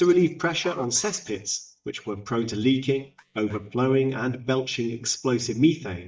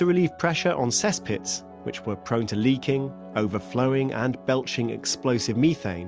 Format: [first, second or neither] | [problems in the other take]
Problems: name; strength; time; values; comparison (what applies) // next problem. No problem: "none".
second | noise reduction (neural mask model DeepFilterNet 3)